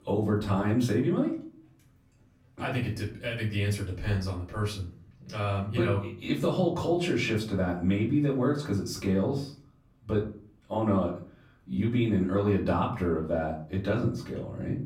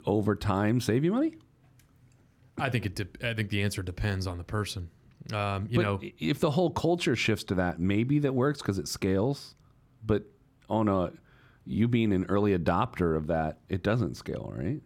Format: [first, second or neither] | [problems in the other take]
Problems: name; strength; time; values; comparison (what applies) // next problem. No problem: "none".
second | off-mic speech; far // room echo; slight; dies away in 0.4 s